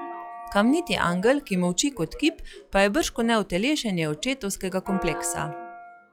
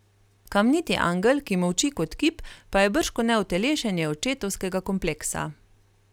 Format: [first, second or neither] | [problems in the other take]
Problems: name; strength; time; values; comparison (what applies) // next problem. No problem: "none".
second | noise reduction (classical method log-MMSE)